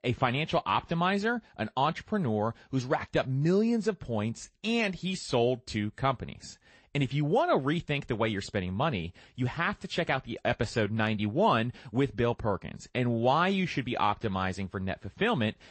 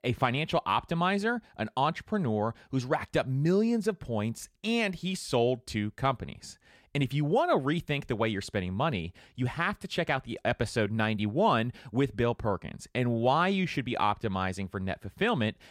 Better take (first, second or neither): second